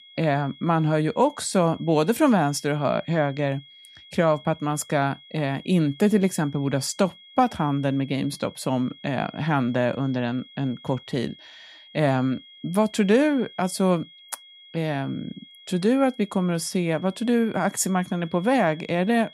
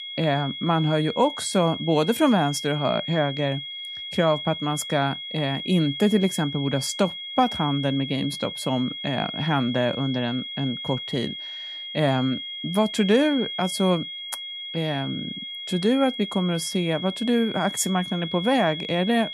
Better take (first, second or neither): first